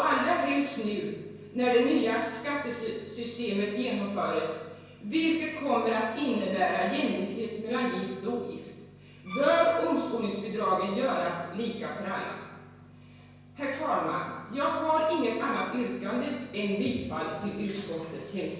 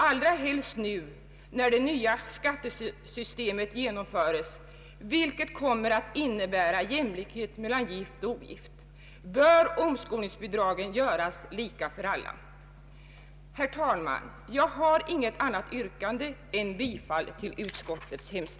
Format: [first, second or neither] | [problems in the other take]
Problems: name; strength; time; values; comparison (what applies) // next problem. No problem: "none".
second | background sound (Bowed string instrument); 15 dB below the speech // room echo; dies away in 1 s